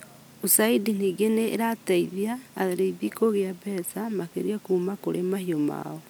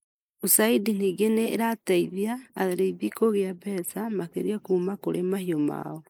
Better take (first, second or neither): first